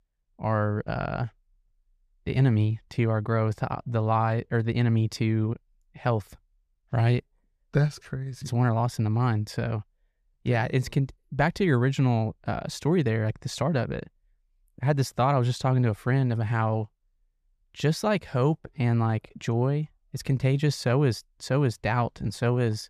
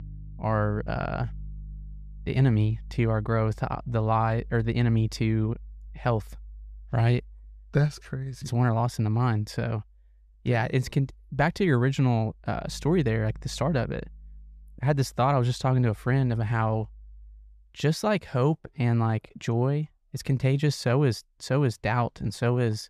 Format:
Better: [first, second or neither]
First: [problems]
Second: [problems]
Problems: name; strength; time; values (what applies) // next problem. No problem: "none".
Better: first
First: none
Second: background music; noticeable; until 18 s; 20 dB below the speech